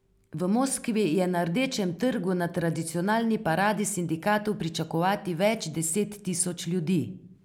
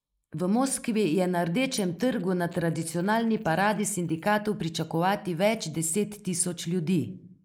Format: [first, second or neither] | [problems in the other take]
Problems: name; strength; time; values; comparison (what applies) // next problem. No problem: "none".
first | noise reduction (neural mask model Resemble Enhance denoiser)